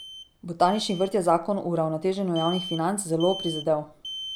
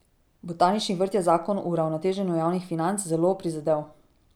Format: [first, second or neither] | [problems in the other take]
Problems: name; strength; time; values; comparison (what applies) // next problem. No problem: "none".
second | background sound (Alarm); 14 dB below the speech